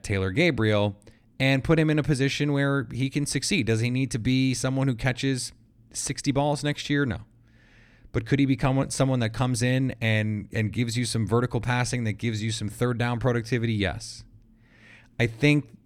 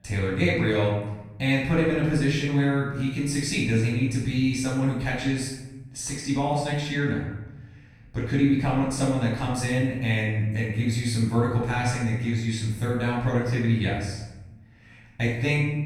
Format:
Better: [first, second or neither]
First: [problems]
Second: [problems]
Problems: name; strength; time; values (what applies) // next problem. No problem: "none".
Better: first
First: none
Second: off-mic speech; far // room echo; noticeable; dies away in 0.8 s